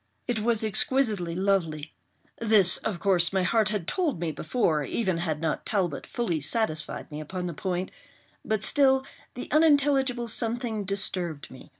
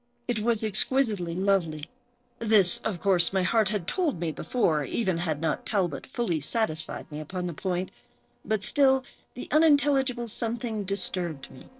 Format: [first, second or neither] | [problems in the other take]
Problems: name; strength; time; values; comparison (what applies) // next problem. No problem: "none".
first | noise reduction (neural separator model SepFormer DNS4)